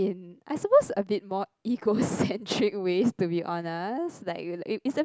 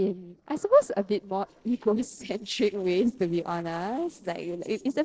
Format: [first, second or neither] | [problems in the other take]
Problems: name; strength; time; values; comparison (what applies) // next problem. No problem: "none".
first | noise reduction (neural separator model SepFormer DNS4)